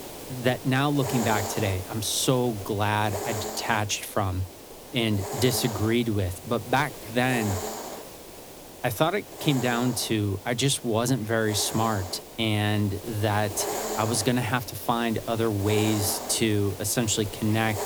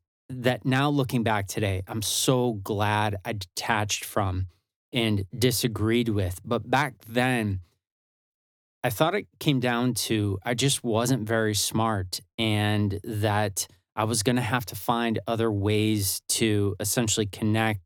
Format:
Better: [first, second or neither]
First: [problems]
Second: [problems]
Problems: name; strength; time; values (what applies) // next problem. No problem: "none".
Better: second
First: hiss; loud; throughout; 10 dB below the speech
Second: none